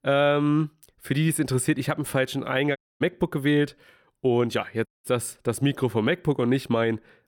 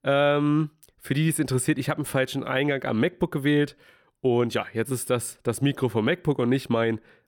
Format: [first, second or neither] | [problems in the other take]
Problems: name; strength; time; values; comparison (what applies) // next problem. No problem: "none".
second | audio cutting out; at 3 s and at 5 s